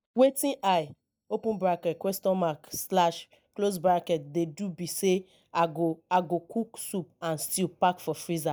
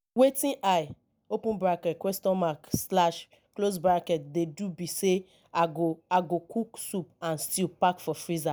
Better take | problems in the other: second | noise reduction (neural mask model DeepFilterNet 3)

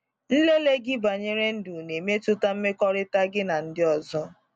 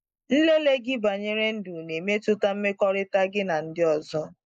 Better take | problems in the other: first | noise reduction (neural mask model Resemble Enhance denoiser)

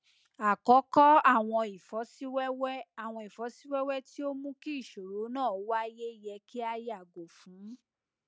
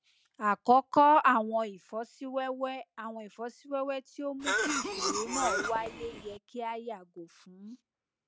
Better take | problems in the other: first | background sound (Cough); 2 dB below the speech

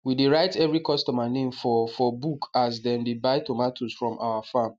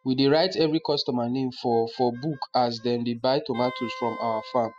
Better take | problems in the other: first | noise reduction (classical method spectral subtraction)

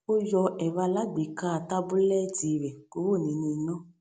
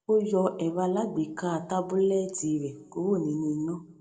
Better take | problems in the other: first | room echo; dies away in 1.3 s

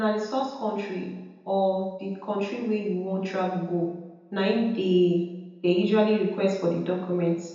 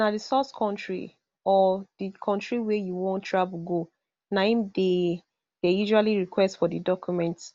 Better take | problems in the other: second | room echo; dies away in 0.9 s

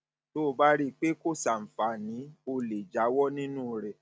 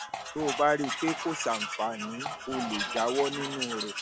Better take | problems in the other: first | background sound (Tools + Fart); 4 dB below the speech

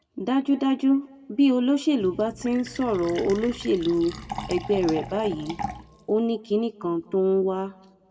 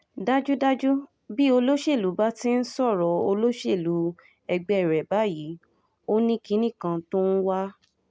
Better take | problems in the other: second | background sound (Fill (with liquid)); 15 dB below the speech // room echo; dies away in 2.3 s

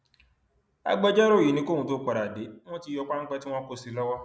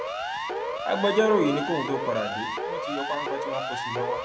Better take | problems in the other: first | background sound (Siren); 2 dB below the speech

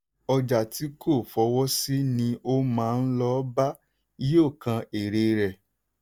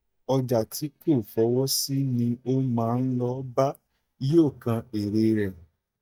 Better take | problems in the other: first | noise reduction (neural mask model DeepFilterNet 3)

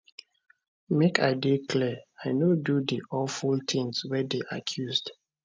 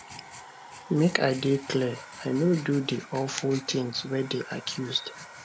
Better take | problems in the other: first | background sound (Writing + Domestic sounds, home sounds); 16 dB below the speech

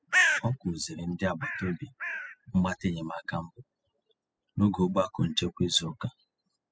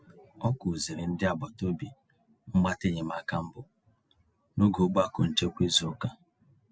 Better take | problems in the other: second | noise reduction (classical method spectral subtraction)

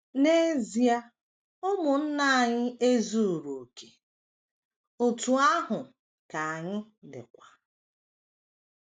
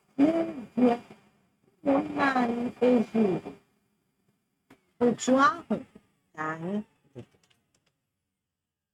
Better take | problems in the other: first | noise reduction (neural mask model RNNoise)

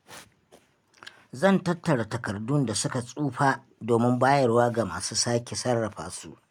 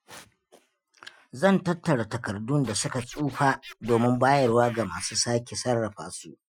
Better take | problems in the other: first | noise reduction (classical method Wiener filter)

